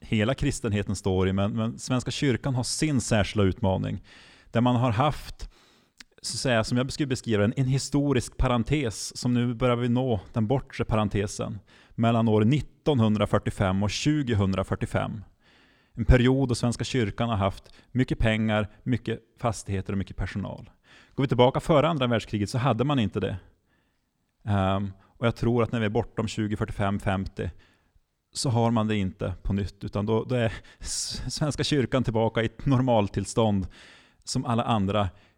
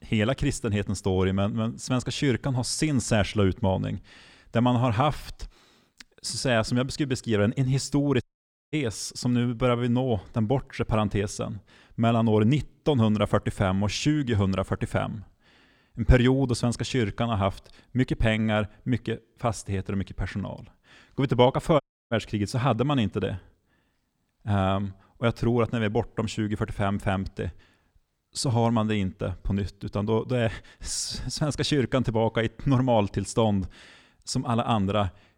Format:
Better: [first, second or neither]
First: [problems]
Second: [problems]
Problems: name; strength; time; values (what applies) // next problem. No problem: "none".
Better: first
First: none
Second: audio cutting out; at 8 s for 0.5 s and at 22 s